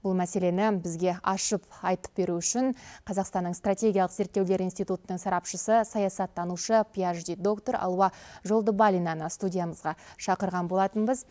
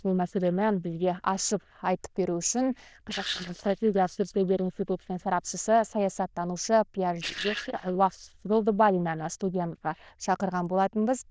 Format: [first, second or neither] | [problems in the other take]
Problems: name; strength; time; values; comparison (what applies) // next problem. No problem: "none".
first | noise reduction (neural diffusion model UNIVERSE++)